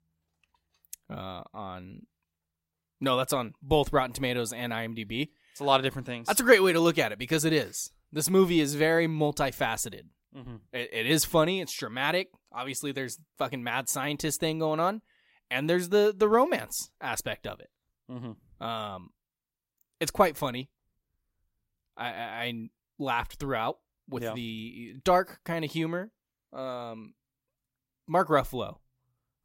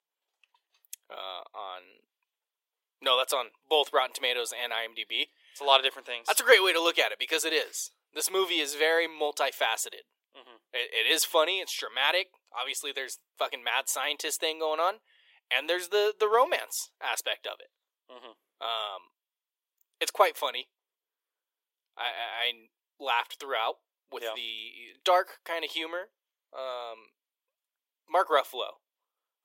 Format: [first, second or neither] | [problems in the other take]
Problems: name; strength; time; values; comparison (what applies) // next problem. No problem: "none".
first | thin; very; fading below 400 Hz